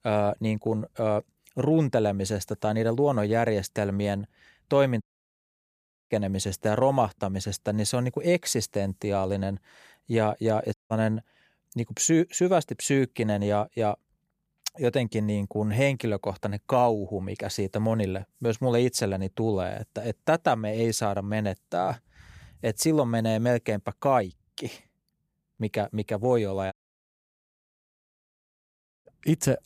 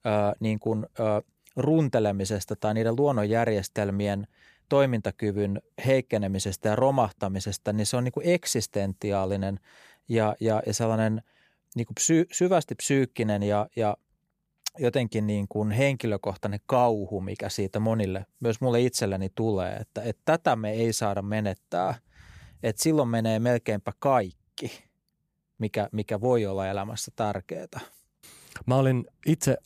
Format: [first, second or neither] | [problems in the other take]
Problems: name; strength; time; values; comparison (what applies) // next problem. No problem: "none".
second | audio cutting out; at 5 s for 1 s, at 11 s and at 27 s for 2.5 s